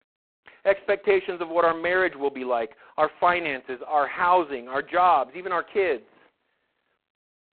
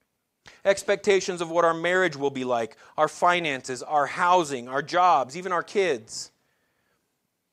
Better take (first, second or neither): second